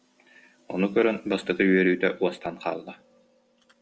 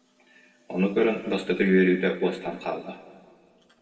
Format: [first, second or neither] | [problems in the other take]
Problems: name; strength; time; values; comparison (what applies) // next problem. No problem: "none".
first | room echo; dies away in 1.8 s